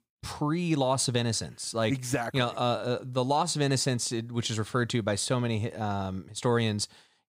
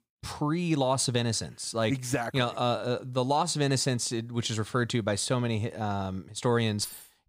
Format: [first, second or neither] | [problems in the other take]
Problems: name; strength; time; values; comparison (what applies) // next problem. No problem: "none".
first | jangling keys; faint; at 7 s; peak 15 dB below the speech